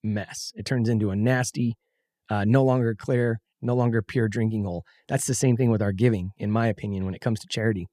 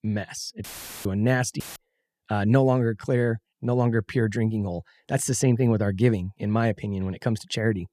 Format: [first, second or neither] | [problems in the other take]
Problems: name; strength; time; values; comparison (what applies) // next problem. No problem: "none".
first | audio cutting out; filled with static; at 0.5 s and at 1.5 s